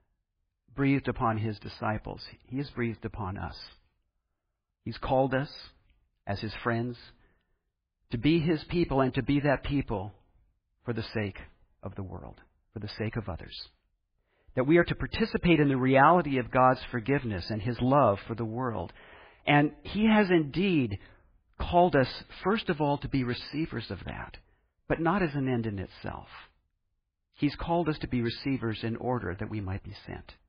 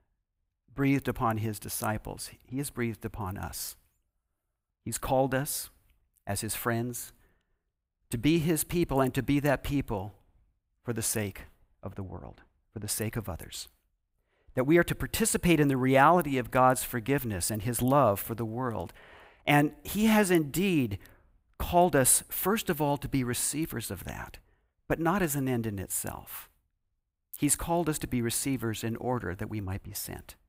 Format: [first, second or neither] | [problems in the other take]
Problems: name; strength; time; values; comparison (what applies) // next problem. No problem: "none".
second | garbled, watery; badly; nothing above 5 kHz